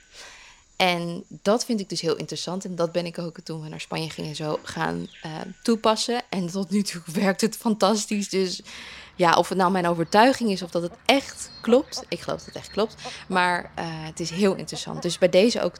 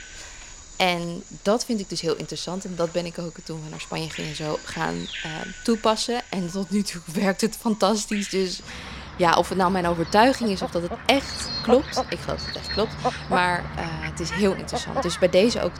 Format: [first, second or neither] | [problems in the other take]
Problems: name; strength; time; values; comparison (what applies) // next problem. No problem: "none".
first | animal sounds; loud; throughout; 9 dB below the speech; faint in the first